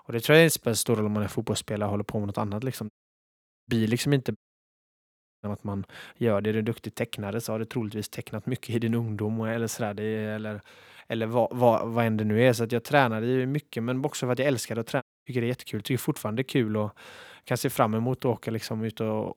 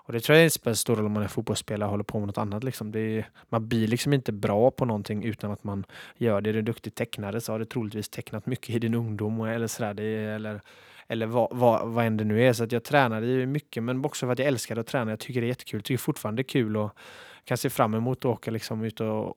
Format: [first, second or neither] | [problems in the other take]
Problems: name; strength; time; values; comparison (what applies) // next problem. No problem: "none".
second | audio cutting out; at 3 s for 1 s, at 4.5 s for 1 s and at 15 s